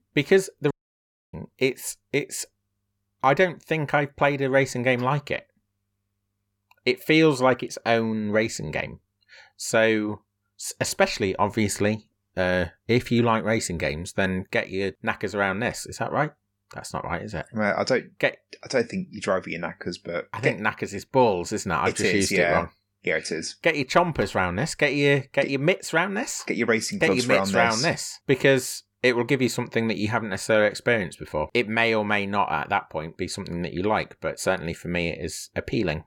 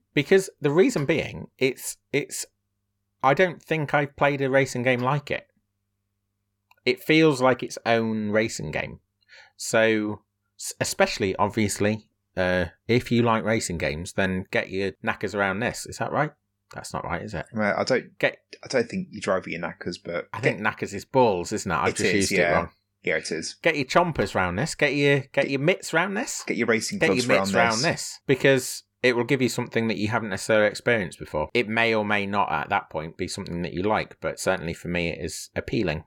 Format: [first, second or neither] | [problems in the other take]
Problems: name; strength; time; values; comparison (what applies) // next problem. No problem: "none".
second | audio cutting out; at 0.5 s for 0.5 s